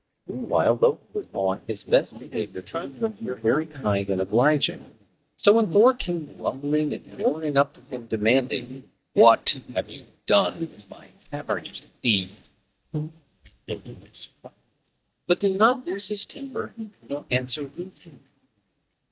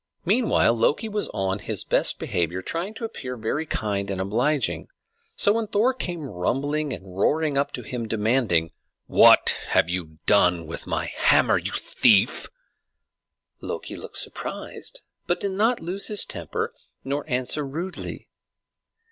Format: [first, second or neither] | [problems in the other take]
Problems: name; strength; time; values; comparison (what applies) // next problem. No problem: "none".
second | noise reduction (neural mask model DeepFilterNet 3)